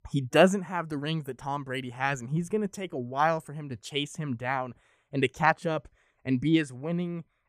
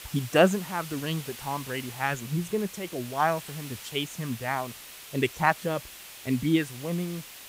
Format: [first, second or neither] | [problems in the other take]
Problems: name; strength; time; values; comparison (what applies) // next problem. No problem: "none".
first | hiss; noticeable; throughout; 15 dB below the speech